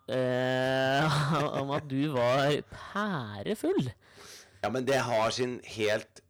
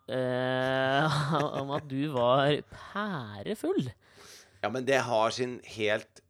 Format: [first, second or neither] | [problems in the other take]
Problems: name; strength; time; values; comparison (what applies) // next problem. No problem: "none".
second | distortion; slight; 8% of the sound clipped